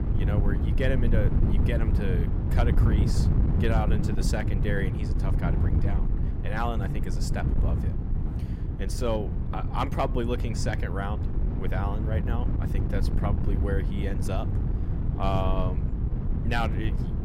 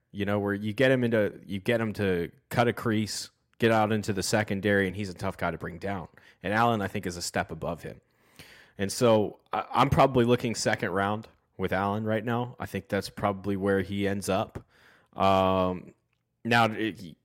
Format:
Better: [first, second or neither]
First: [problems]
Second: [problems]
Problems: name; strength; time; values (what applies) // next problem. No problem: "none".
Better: second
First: wind noise on the microphone; heavy; 5 dB below the speech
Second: none